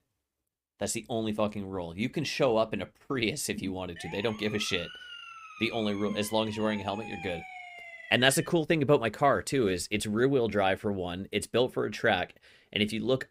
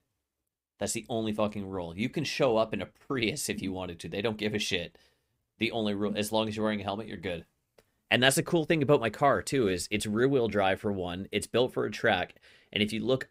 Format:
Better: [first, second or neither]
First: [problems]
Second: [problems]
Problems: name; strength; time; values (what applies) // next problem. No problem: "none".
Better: second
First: siren; faint; from 4 to 8.5 s; peak 10 dB below the speech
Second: none